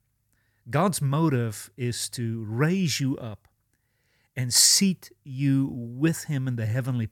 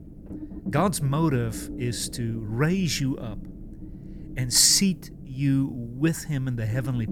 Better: first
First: none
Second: low rumble; noticeable; throughout; 20 dB below the speech

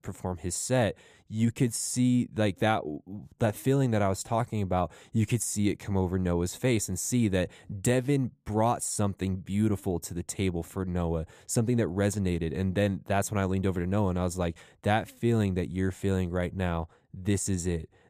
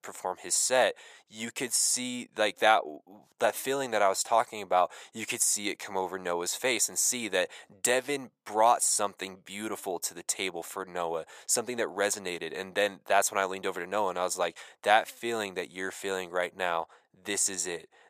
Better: first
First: none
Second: thin; very; fading below 750 Hz

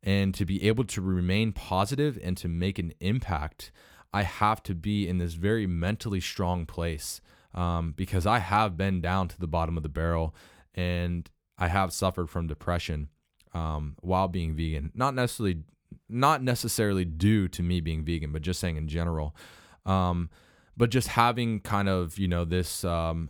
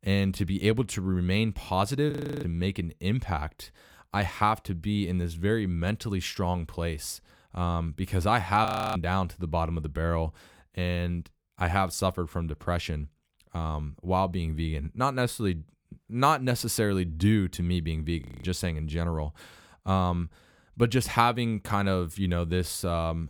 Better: first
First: none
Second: audio freezing; at 2 s, at 8.5 s and at 18 s

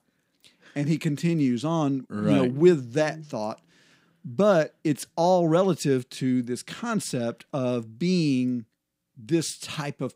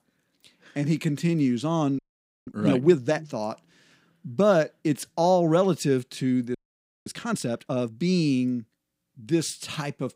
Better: first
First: none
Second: audio freezing; at 2 s and at 6.5 s for 0.5 s

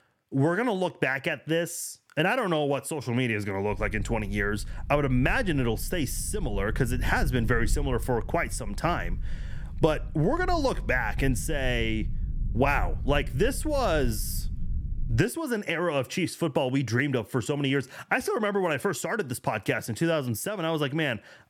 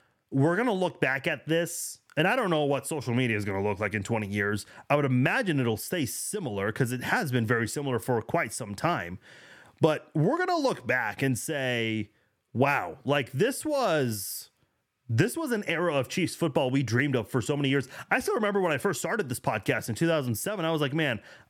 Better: second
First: low rumble; faint; from 3.5 to 15 s; 25 dB below the speech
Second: none

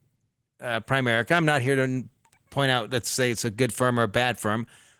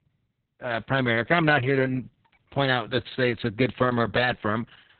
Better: first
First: garbled, watery; slightly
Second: garbled, watery; badly; nothing above 4 kHz

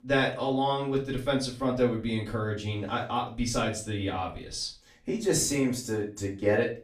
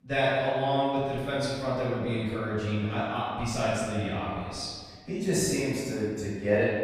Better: first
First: room echo; slight; dies away in 0.3 s // off-mic speech; far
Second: room echo; strong; dies away in 1.6 s // off-mic speech; far

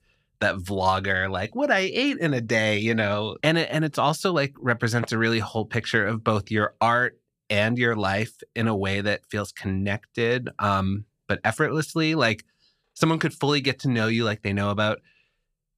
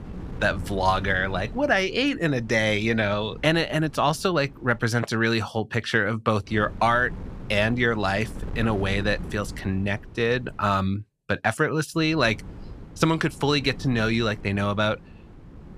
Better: first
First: none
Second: wind noise on the microphone; occasional gusts; until 5 s, from 6.5 to 11 s and from 12 s on; 25 dB below the speech

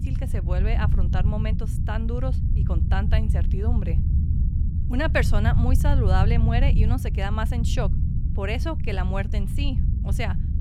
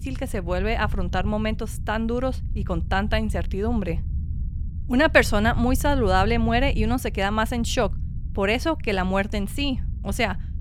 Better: second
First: low rumble; loud; throughout; 8 dB below the speech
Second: low rumble; faint; throughout; 20 dB below the speech

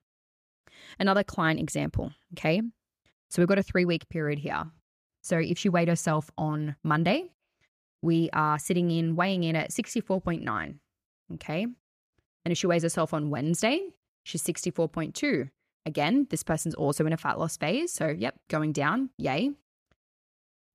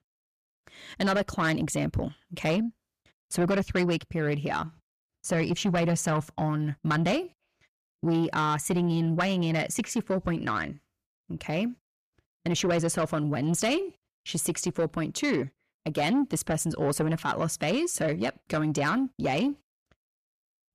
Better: first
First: none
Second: distortion; slight; 10 dB below the speech

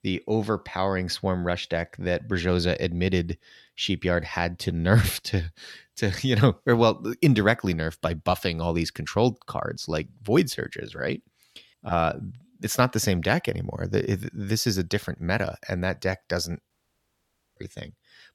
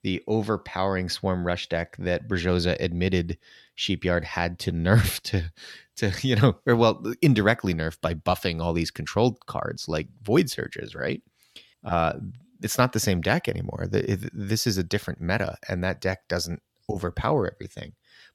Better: second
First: audio cutting out; at 17 s for 1 s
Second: none

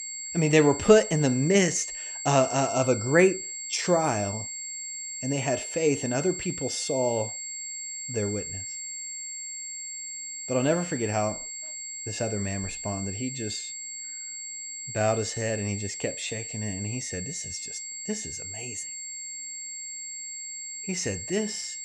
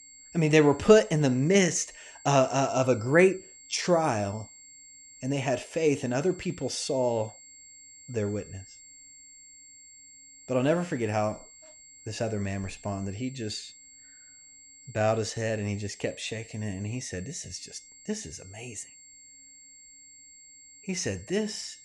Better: second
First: high-pitched whine; loud; throughout; 7.5 kHz, 7 dB below the speech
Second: high-pitched whine; faint; throughout; 7.5 kHz, 20 dB below the speech

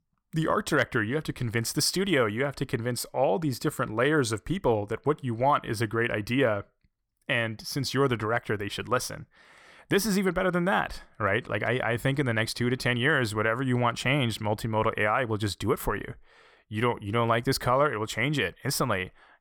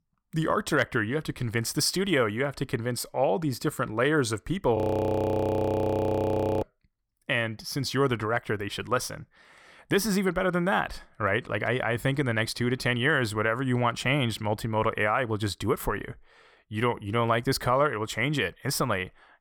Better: first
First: none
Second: audio freezing; at 5 s for 2 s

